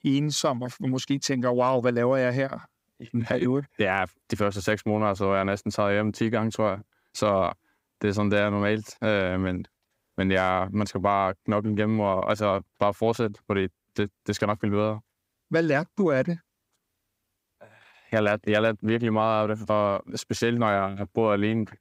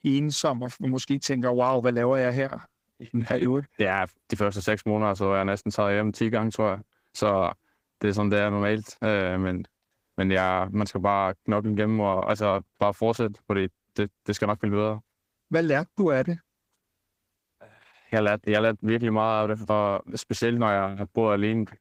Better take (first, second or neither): first